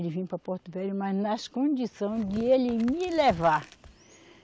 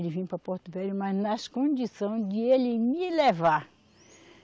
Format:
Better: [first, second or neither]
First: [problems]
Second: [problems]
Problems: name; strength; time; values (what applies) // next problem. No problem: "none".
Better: second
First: background sound (Tearing); 19 dB below the speech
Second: none